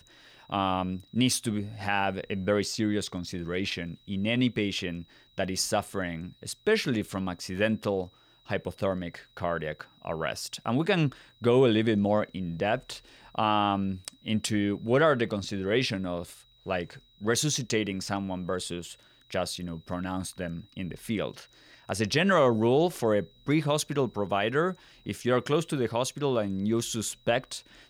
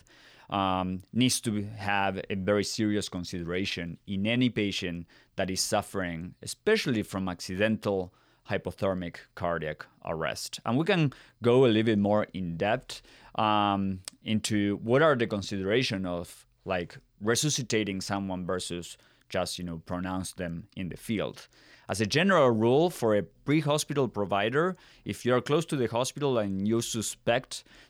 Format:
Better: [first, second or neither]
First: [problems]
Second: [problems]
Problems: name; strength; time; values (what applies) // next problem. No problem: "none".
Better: second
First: high-pitched whine; faint; throughout; 4 kHz, 30 dB below the speech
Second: none